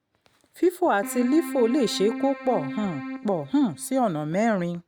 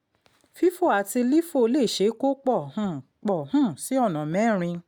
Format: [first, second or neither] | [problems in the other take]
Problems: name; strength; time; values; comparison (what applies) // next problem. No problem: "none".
second | background sound (Keyboard (musical)); 11 dB below the speech